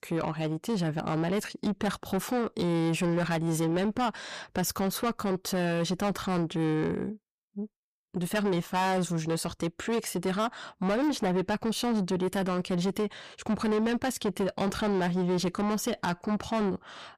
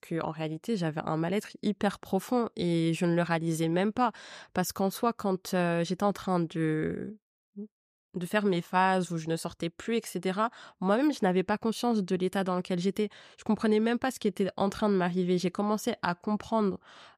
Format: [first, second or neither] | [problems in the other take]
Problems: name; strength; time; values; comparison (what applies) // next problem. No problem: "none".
second | distortion; heavy; 8 dB below the speech